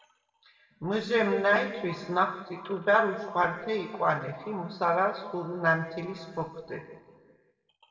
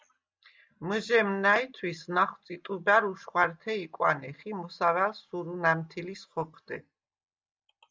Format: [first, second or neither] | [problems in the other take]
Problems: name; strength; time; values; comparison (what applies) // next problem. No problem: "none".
second | room echo; dies away in 1.6 s